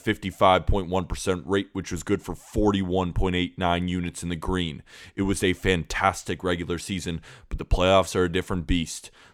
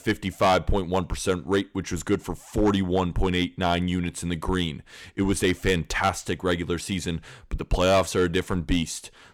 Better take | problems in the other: first | distortion; slight; 4% of the sound clipped

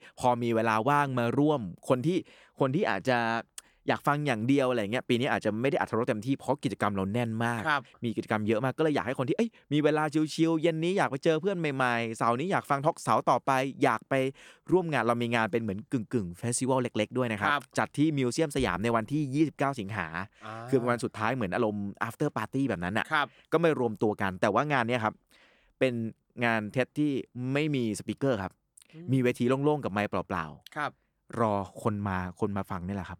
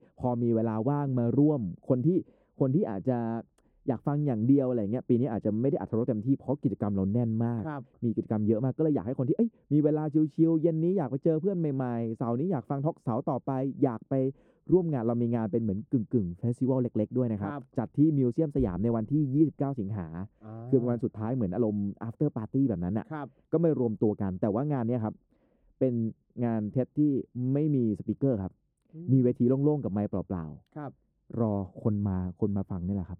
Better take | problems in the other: first | muffled; very; fading above 1 kHz

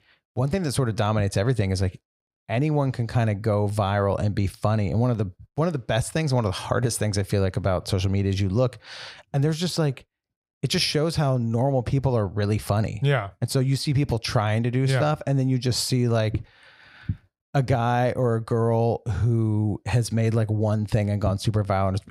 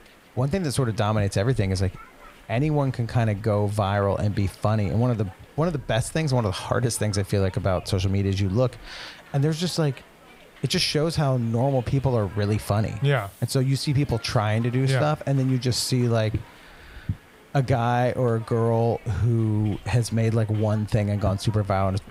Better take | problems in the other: first | hiss; faint; throughout; 25 dB below the speech

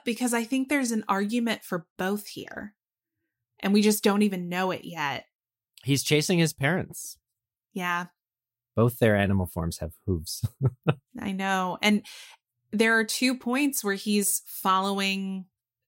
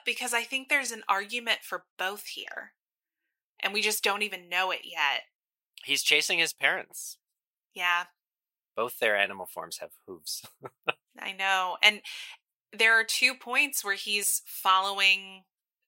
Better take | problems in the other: first | thin; very; fading below 750 Hz

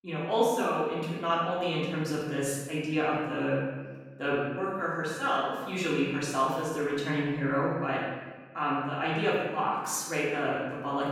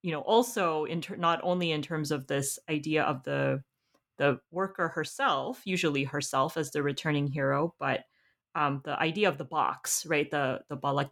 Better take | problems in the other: second | room echo; strong; dies away in 1.2 s // off-mic speech; far

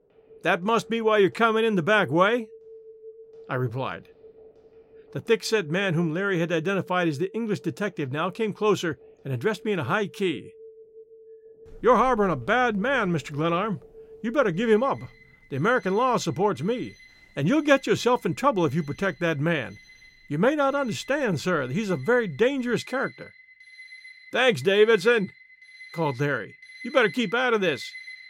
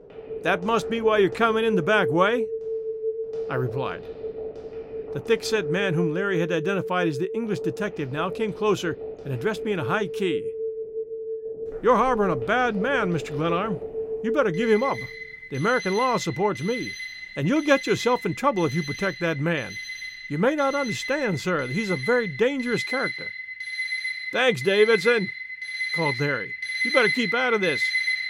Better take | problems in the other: first | alarms or sirens; loud; throughout; 6 dB below the speech; faint in the first

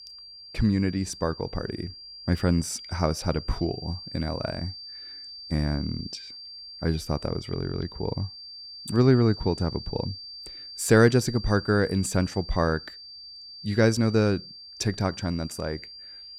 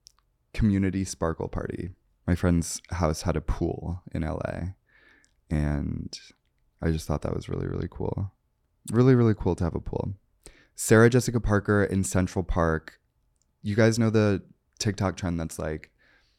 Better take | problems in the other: second | high-pitched whine; noticeable; throughout; 4.5 kHz, 15 dB below the speech

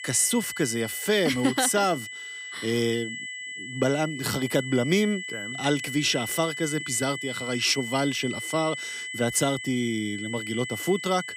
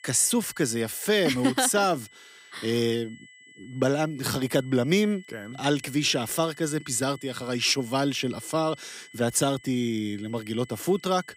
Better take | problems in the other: second | high-pitched whine; loud; throughout; 2 kHz, 8 dB below the speech; faint in the second

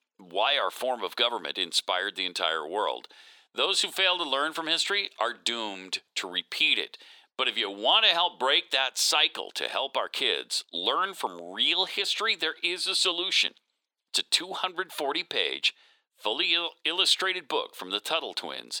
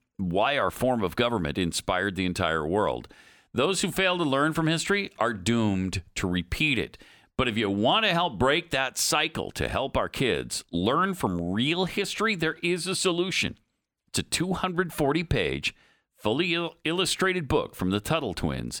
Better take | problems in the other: second | thin; very; fading below 400 Hz

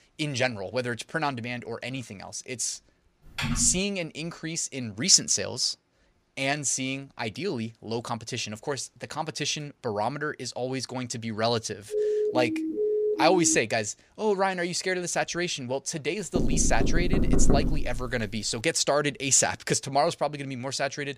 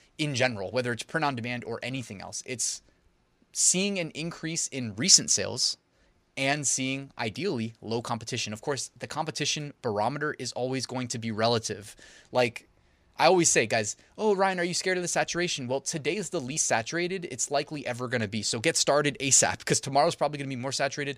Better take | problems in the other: second | keyboard typing; noticeable; at 3.5 s; peak 3 dB below the speech // siren; loud; from 12 to 14 s; peak 1 dB above the speech // door banging; loud; from 16 to 18 s; peak 3 dB above the speech

